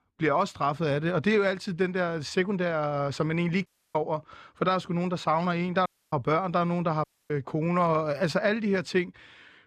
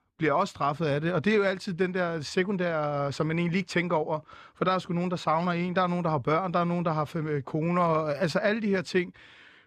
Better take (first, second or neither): second